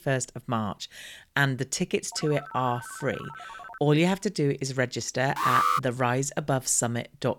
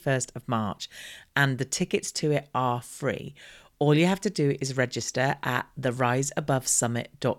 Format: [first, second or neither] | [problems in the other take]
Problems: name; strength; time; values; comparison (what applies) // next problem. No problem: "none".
second | phone ringing; faint; from 2 to 4 s; peak 15 dB below the speech // alarm; loud; at 5.5 s; peak 5 dB above the speech